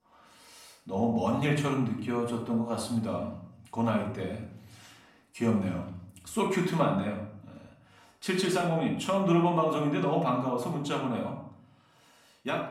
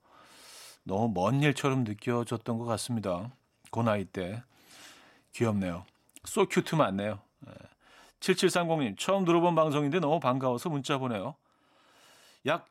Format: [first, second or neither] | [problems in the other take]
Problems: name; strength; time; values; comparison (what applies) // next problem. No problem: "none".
second | room echo; noticeable; dies away in 0.6 s // off-mic speech; far